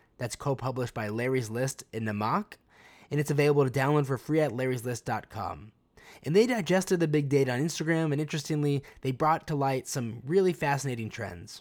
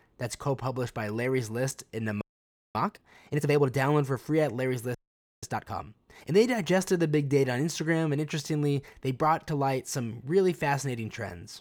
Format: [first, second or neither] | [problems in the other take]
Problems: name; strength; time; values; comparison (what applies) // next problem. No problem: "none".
first | audio freezing; at 2 s for 0.5 s and at 5 s